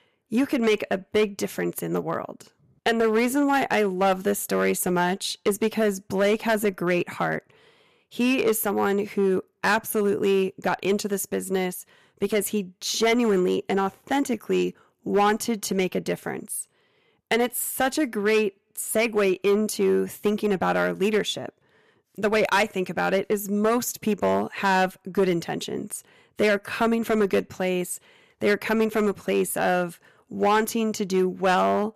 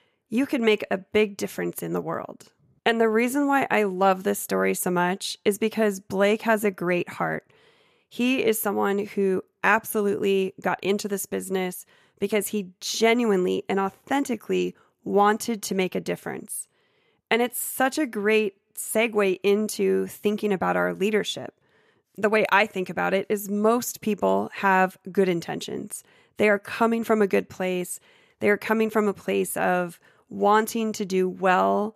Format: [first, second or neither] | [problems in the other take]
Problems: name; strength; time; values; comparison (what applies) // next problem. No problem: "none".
second | distortion; slight; 4% of the sound clipped